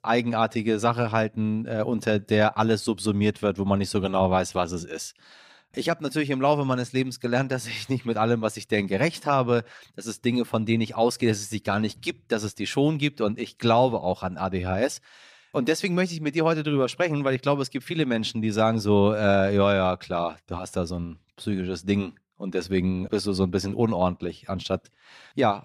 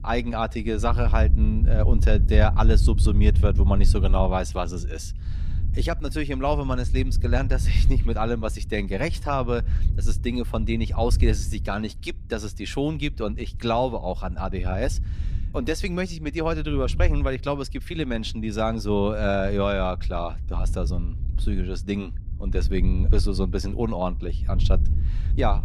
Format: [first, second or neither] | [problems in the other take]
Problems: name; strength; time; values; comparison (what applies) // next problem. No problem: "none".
first | wind noise on the microphone; occasional gusts; 15 dB below the speech